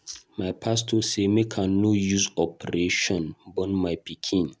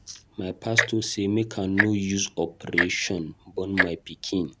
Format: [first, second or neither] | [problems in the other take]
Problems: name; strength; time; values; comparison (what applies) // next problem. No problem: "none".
first | background sound (Tick-tock); 3 dB below the speech